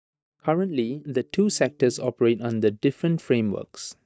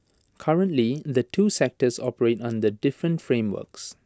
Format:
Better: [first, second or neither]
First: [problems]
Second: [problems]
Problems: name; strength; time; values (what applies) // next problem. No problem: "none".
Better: second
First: noise reduction (neural mask model DeepFilterNet 3)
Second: none